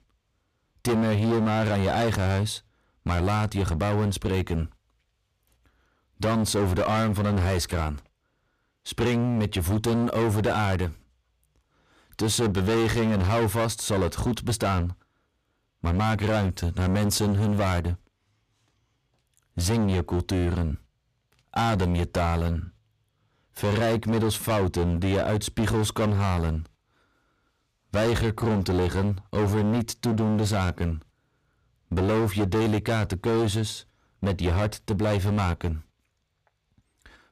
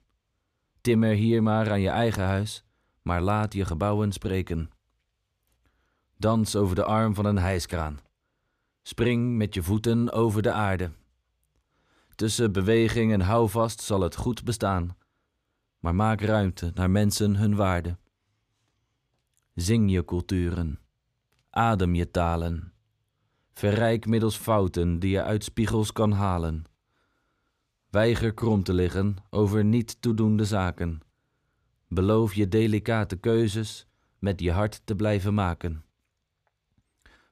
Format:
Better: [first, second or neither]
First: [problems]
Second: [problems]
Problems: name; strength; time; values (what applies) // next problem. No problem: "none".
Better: second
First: distortion; heavy; 20% of the sound clipped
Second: none